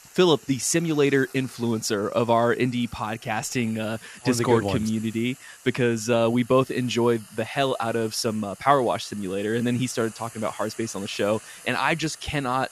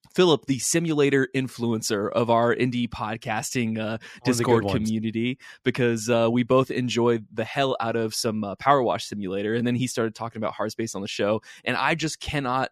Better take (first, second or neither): second